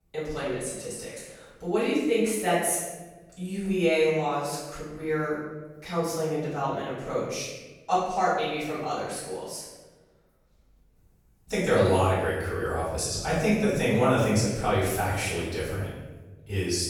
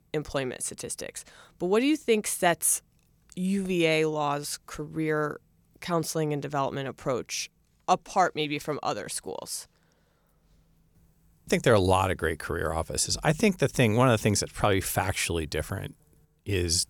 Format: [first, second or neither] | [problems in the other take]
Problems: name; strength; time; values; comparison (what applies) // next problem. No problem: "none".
second | off-mic speech; far // room echo; strong; dies away in 1 s